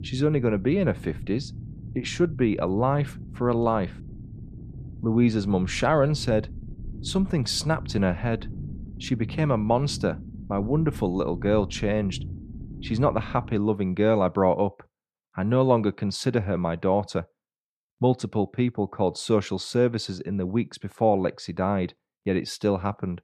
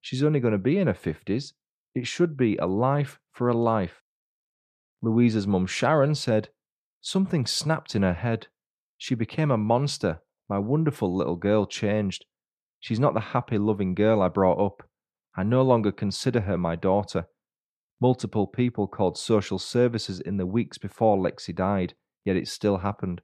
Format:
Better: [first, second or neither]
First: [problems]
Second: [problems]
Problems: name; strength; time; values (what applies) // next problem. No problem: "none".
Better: second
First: low rumble; faint; until 14 s; 20 dB below the speech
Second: none